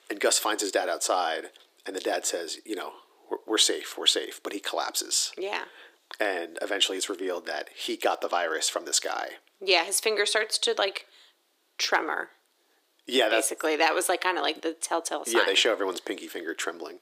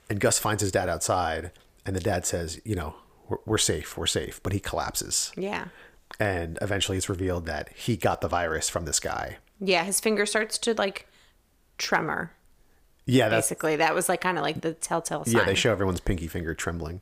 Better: second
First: thin; somewhat; fading below 300 Hz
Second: none

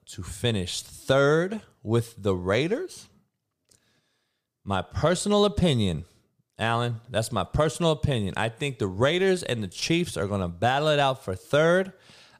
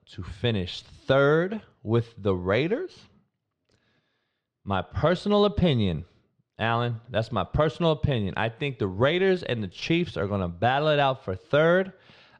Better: first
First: none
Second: muffled; slightly; fading above 3.5 kHz

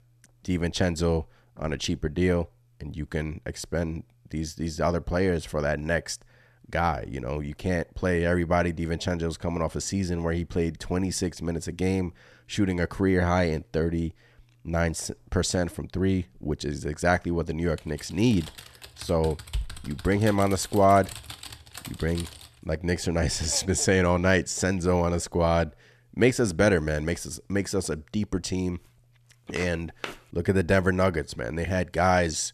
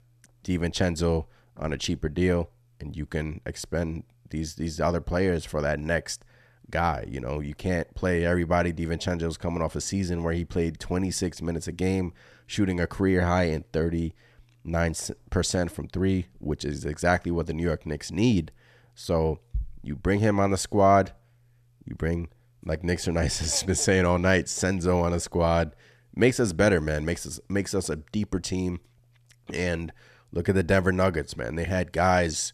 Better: second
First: keyboard typing; faint; from 18 to 22 s; peak 10 dB below the speech // footsteps; faint; at 30 s; peak 10 dB below the speech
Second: none

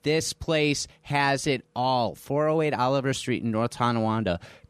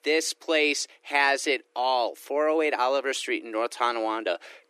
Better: first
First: none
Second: thin; somewhat; fading below 300 Hz

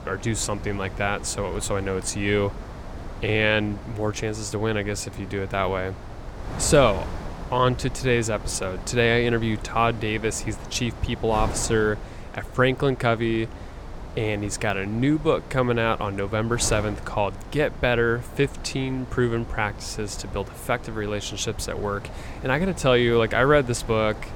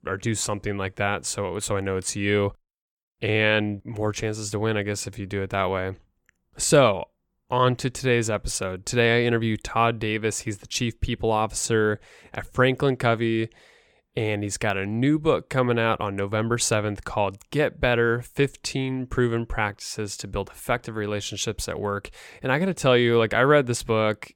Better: second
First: wind noise on the microphone; occasional gusts; 15 dB below the speech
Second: none

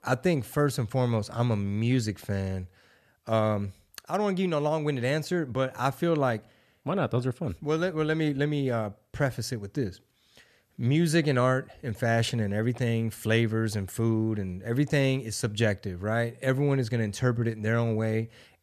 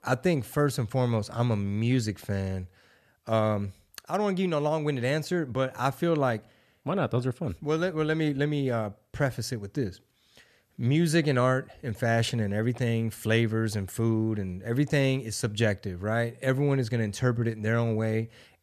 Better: neither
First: none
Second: none

